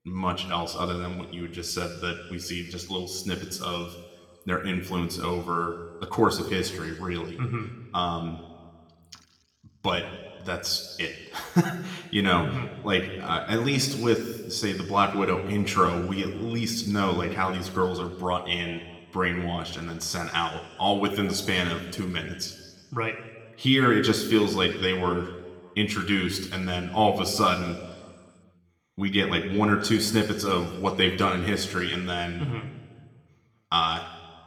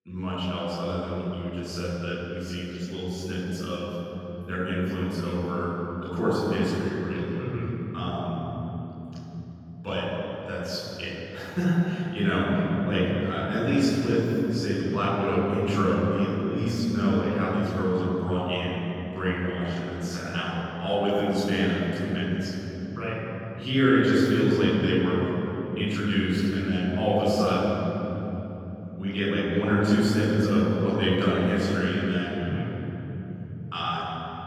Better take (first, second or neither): first